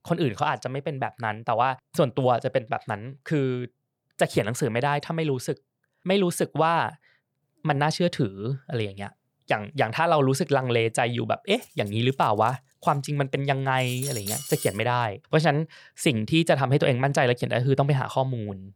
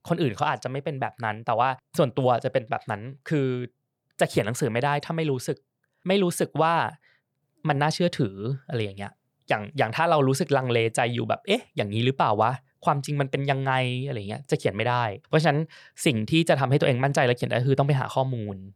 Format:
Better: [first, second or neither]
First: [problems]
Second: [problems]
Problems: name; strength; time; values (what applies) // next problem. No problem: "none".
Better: second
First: clattering dishes; noticeable; from 12 to 15 s; peak 5 dB below the speech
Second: none